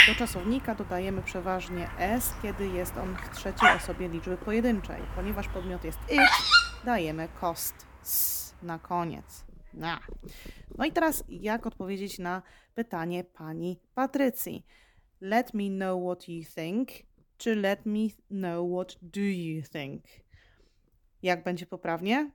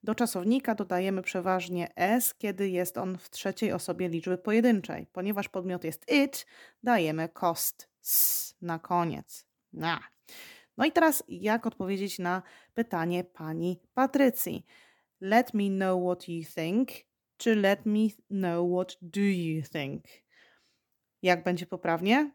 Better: second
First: animal sounds; very loud; throughout; 5 dB above the speech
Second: none

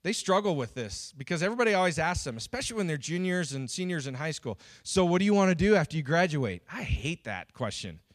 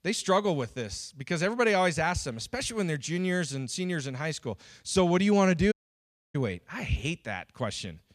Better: first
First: none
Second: audio cutting out; at 5.5 s for 0.5 s

